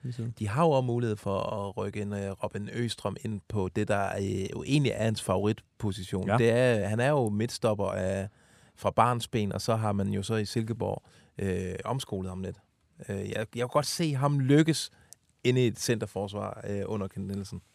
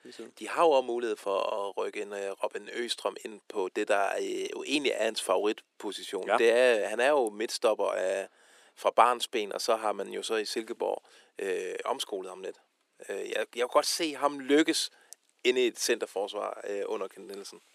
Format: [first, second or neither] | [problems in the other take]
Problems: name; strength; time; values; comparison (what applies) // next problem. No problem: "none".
first | thin; very; fading below 300 Hz